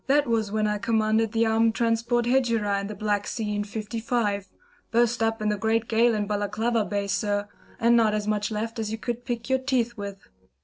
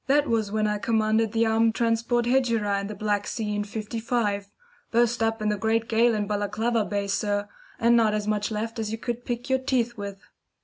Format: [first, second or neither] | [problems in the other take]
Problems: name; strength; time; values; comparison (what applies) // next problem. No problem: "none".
second | noise reduction (neural separator model SepFormer DNS4)